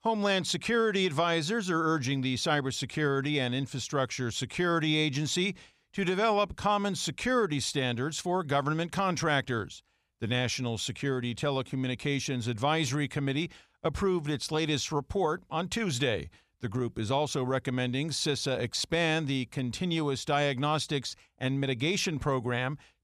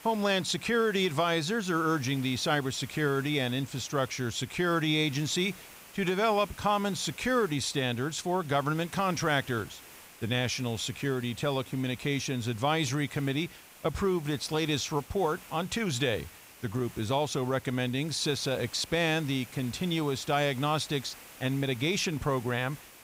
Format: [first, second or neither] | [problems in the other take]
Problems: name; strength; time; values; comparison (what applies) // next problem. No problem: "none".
first | hiss; noticeable; throughout; 20 dB below the speech